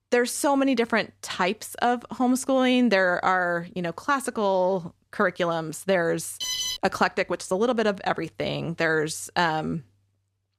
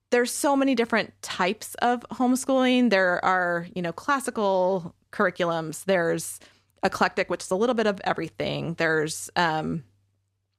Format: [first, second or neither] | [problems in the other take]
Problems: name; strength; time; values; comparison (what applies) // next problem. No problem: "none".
second | alarm; noticeable; at 6.5 s; peak 2 dB below the speech